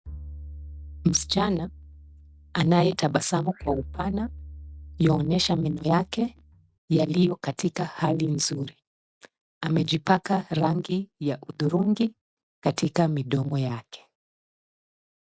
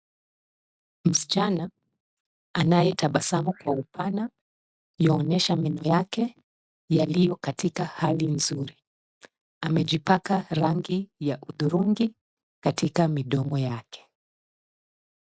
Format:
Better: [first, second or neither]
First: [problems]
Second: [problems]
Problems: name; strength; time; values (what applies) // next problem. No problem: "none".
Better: second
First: background sound (Bowed string instrument); 15 dB below the speech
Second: none